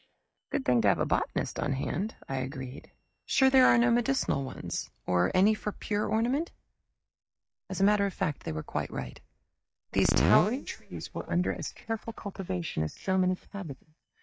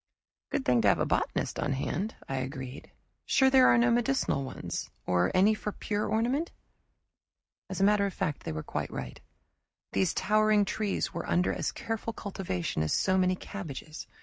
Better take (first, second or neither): second